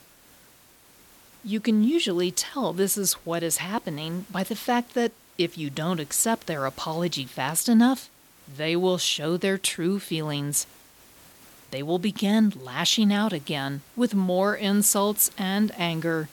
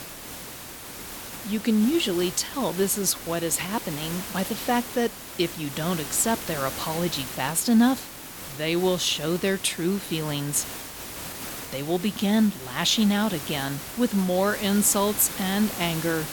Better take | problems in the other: first | hiss; loud; throughout; 10 dB below the speech; faint in the first

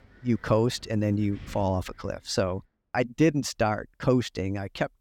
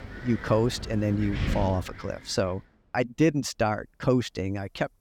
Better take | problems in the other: first | wind in the background; loud; throughout; 8 dB below the speech; faint in the first

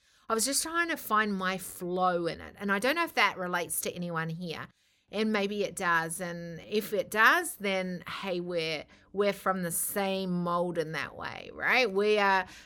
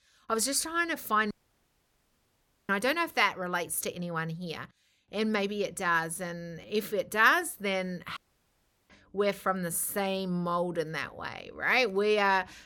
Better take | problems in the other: first | audio cutting out; at 1.5 s for 1.5 s and at 8 s for 0.5 s

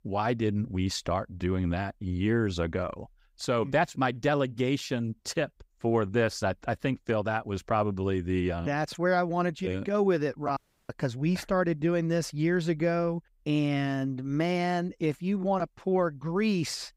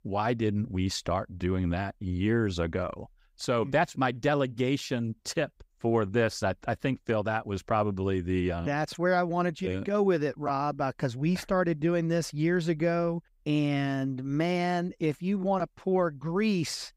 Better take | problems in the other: second | audio cutting out; at 11 s

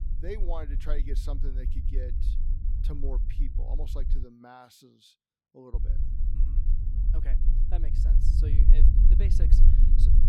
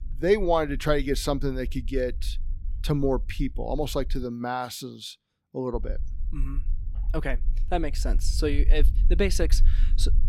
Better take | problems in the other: second | low rumble; loud; until 4 s and from 5.5 s on; 2 dB below the speech; faint in the second

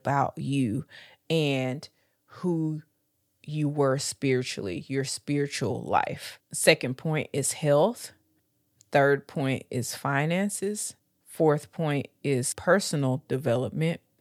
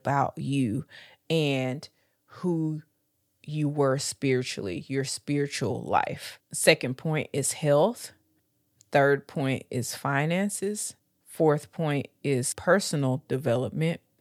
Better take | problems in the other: neither | none

